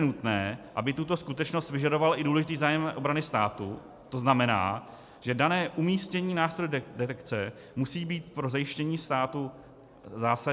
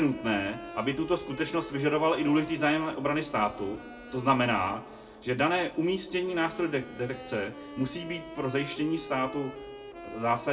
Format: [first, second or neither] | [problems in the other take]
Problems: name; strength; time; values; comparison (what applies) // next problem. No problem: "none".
first | background sound (Wind instrument, woodwind instrument); 15 dB below the speech // room echo; dies away in 0.2 s